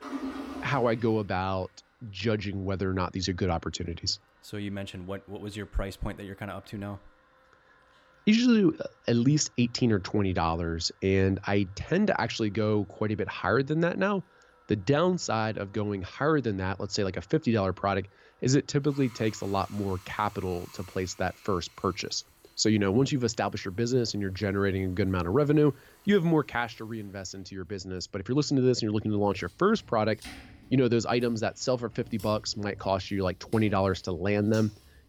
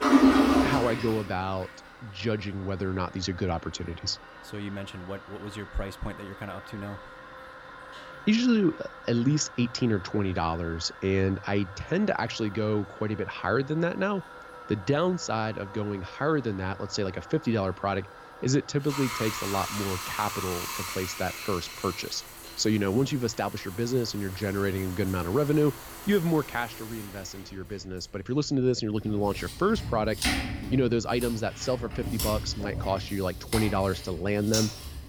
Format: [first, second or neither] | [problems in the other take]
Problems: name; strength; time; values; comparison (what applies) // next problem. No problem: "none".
first | household noises; loud; throughout; 5 dB below the speech; faint in the first